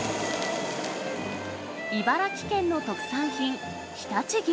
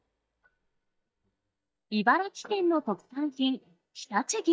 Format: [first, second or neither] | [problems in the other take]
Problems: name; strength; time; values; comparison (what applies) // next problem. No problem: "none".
first | noise reduction (neural mask model DeepFilterNet 3)